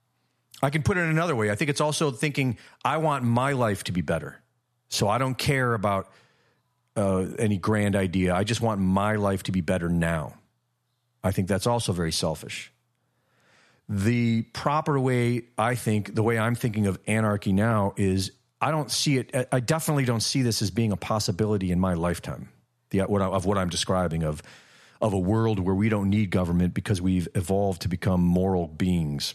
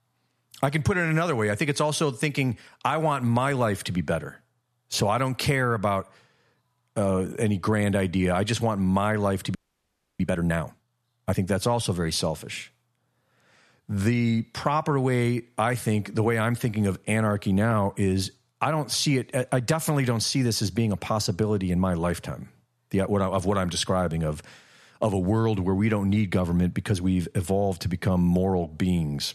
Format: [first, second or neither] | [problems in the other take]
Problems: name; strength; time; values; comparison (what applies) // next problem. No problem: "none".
first | audio freezing; at 9.5 s for 0.5 s